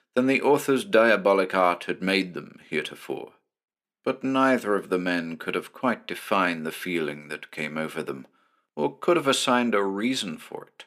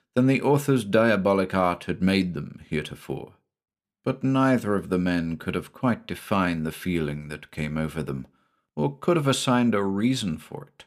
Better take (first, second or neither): second